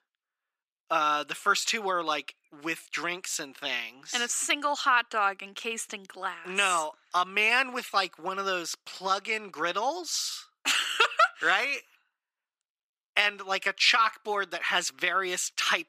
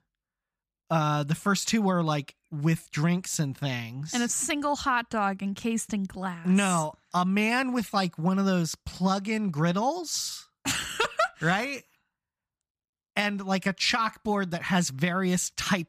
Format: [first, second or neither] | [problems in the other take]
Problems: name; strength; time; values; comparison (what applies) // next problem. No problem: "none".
second | thin; very; fading below 350 Hz